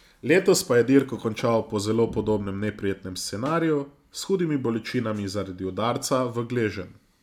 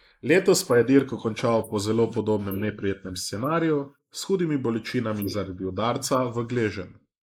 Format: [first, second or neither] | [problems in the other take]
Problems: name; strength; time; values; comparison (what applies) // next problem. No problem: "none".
first | noise reduction (neural mask model Resemble Enhance denoiser)